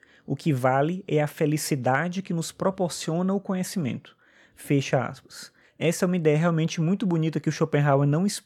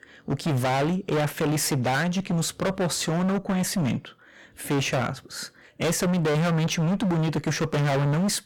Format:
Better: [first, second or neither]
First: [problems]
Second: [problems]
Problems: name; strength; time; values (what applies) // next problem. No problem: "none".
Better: first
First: none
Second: distortion; heavy; 31% of the sound clipped